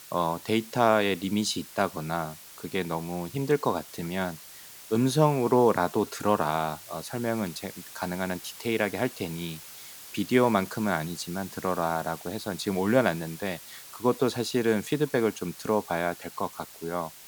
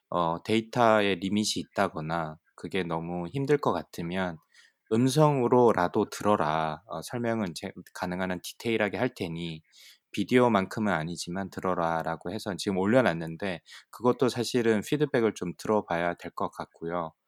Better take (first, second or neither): second